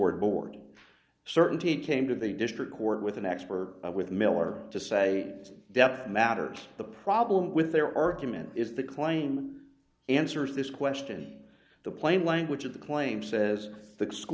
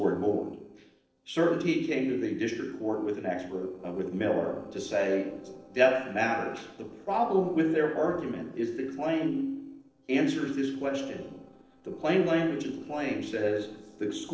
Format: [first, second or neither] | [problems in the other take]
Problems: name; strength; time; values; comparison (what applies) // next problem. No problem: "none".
first | noise reduction (neural separator model SepFormer DNS4)